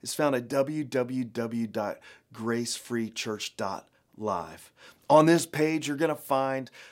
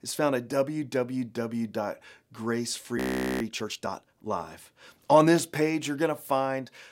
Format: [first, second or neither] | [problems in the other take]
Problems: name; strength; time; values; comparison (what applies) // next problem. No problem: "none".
first | audio freezing; at 3 s